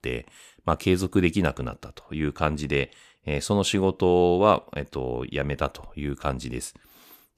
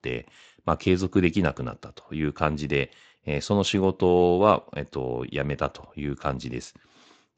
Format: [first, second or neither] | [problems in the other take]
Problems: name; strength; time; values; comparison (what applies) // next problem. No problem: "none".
first | garbled, watery; slightly; nothing above 8 kHz